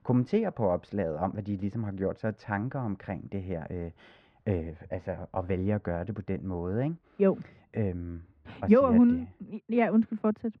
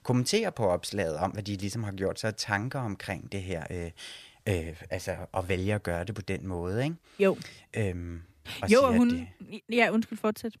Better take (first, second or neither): second